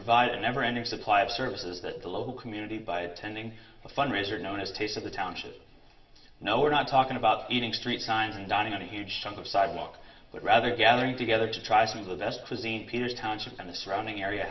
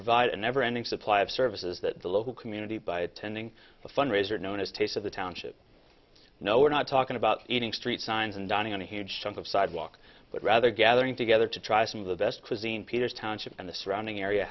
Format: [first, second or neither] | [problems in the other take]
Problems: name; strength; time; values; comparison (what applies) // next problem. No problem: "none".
second | room echo; dies away in 0.8 s